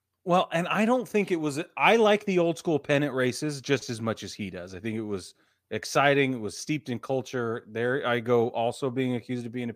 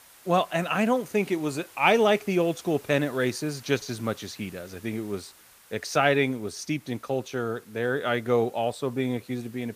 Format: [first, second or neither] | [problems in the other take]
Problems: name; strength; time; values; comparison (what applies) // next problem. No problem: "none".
first | hiss; faint; throughout; 25 dB below the speech